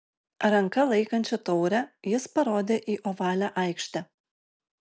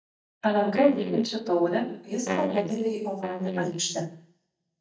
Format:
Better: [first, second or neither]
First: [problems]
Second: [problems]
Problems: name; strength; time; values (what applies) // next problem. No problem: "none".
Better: first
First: none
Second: noise reduction (neural mask model DeepFilterNet 3)